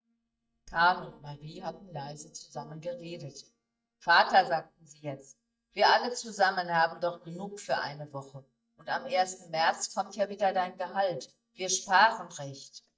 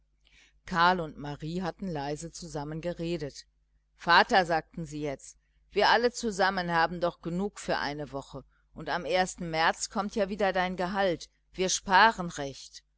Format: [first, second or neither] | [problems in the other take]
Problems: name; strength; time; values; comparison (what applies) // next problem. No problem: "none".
second | noise reduction (neural mask model DeepFilterNet 3)